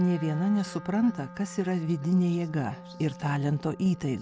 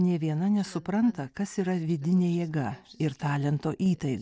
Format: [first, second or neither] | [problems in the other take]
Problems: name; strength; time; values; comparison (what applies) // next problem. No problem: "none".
second | background sound (Wind instrument, woodwind instrument); 16 dB below the speech